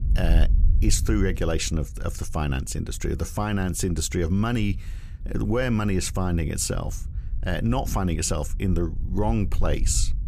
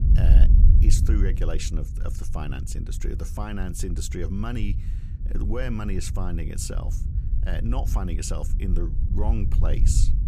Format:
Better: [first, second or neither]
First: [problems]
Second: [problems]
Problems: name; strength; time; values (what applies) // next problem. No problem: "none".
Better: first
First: low rumble; faint; throughout; 20 dB below the speech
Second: low rumble; loud; throughout; 7 dB below the speech